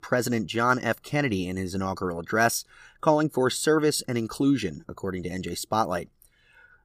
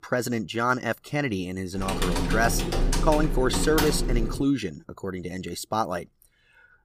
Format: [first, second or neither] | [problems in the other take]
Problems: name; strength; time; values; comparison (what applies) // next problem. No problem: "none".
first | keyboard typing; loud; from 2 to 4.5 s; peak 1 dB above the speech